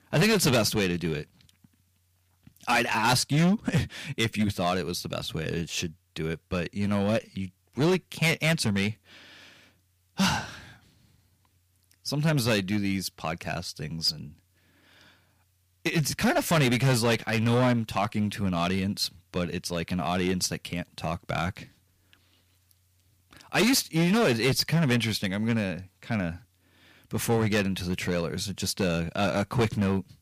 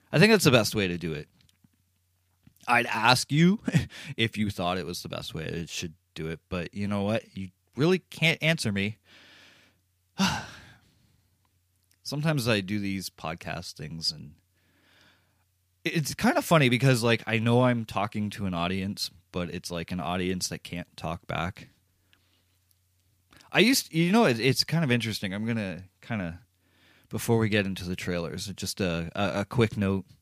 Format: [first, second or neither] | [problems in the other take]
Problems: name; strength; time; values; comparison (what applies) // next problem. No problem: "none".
second | distortion; heavy; 6% of the sound clipped